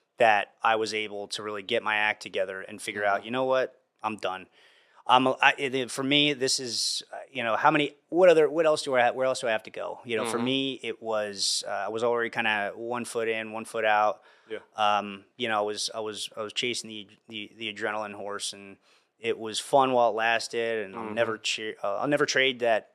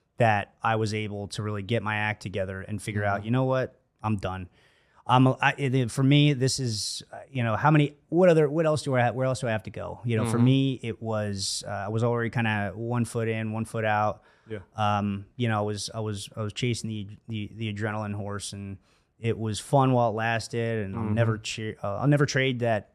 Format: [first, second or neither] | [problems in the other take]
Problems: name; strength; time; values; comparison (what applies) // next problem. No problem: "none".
second | thin; somewhat; fading below 450 Hz